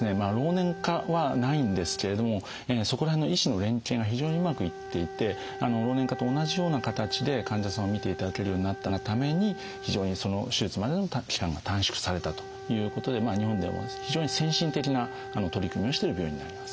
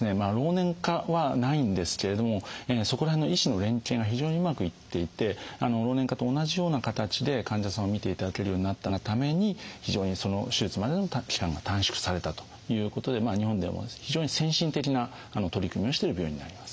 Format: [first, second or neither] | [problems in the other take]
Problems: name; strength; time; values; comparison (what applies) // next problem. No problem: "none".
second | background sound (Wind instrument, woodwind instrument); 13 dB below the speech